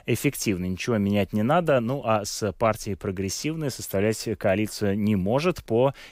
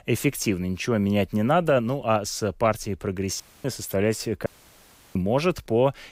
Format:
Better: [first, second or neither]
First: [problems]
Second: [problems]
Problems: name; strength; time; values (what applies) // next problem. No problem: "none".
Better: first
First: none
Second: audio cutting out; at 3.5 s and at 4.5 s for 0.5 s